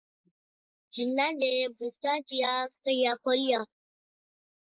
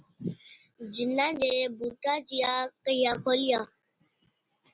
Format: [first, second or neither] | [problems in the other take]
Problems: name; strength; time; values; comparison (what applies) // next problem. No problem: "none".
second | noise reduction (neural mask model Resemble Enhance denoiser)